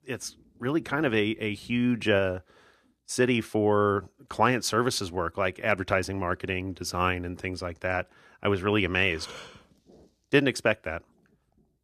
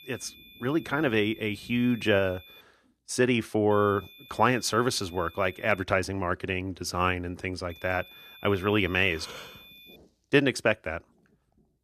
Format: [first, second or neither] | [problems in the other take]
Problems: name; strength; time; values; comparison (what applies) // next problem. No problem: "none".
first | high-pitched whine; faint; until 2.5 s, from 3.5 to 6 s and from 7.5 to 10 s; 3.5 kHz, 20 dB below the speech